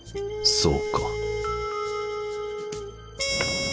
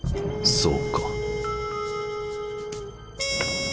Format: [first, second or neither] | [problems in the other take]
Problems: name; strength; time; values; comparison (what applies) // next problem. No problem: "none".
first | background sound (Fireworks); 7 dB below the speech